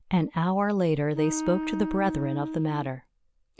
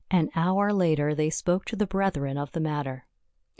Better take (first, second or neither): second